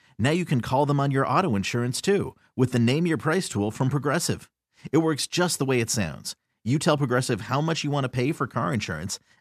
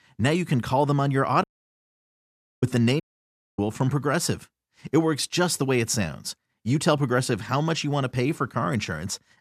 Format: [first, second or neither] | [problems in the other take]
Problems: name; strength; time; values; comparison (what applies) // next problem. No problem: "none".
first | audio cutting out; at 1.5 s for 1 s and at 3 s for 0.5 s